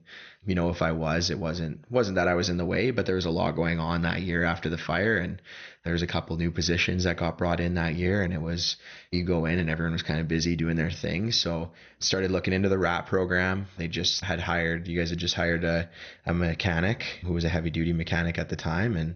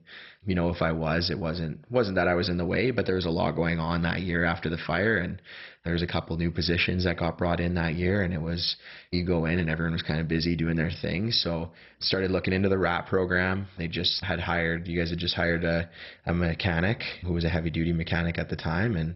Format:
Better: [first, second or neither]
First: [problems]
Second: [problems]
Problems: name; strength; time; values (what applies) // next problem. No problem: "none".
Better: first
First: garbled, watery; slightly; nothing above 6 kHz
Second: garbled, watery; badly; nothing above 5.5 kHz